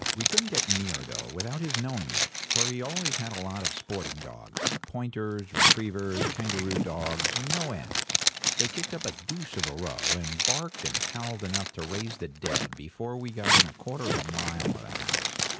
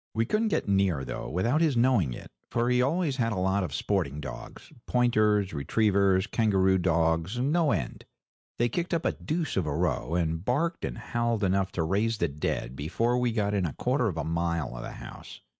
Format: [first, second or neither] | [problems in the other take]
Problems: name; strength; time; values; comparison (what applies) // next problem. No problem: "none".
second | background sound (Zipper (clothing)); 5 dB above the speech